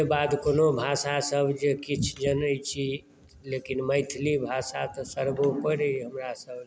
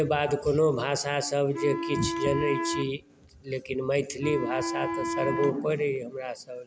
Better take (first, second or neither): first